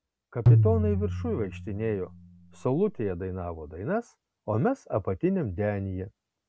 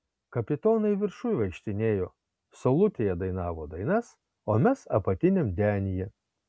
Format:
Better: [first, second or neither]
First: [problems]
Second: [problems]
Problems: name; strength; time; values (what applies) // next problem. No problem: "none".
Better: second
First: background sound (Tabla); 3 dB above the speech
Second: none